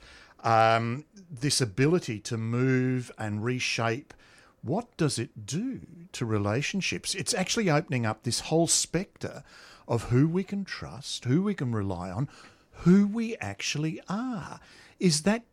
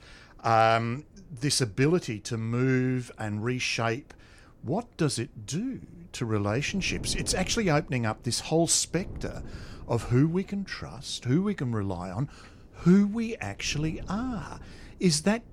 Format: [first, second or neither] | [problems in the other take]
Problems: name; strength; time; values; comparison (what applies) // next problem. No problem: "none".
first | wind noise on the microphone; occasional gusts; 25 dB below the speech